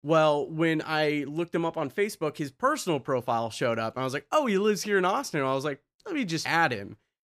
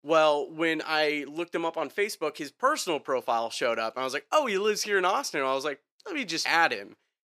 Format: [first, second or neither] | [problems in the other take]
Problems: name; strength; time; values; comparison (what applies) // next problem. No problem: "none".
first | thin; somewhat; fading below 350 Hz